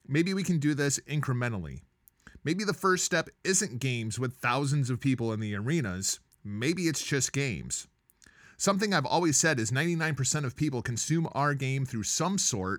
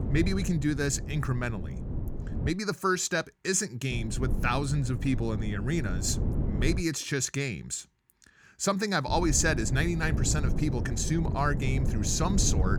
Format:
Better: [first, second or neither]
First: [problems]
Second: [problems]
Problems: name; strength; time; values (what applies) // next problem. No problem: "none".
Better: first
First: none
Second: wind noise on the microphone; occasional gusts; until 2.5 s, from 4 to 7 s and from 9 s on; 10 dB below the speech